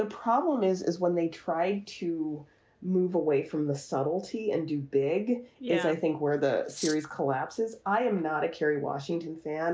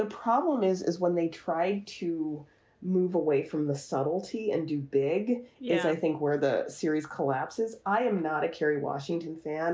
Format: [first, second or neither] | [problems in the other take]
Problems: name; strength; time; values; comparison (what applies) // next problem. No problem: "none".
second | background sound (Cutlery, silverware); 12 dB below the speech